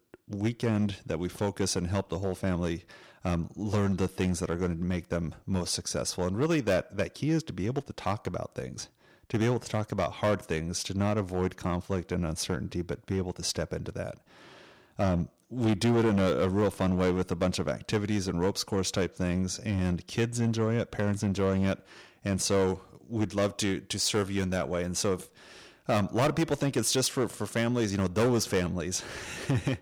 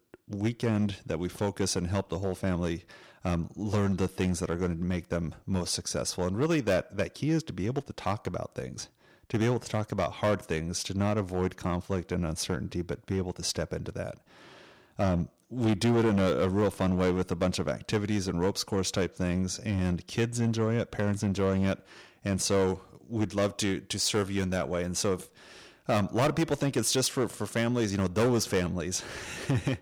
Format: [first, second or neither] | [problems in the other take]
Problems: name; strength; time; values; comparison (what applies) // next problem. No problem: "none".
neither | distortion; slight; 5% of the sound clipped; the same in both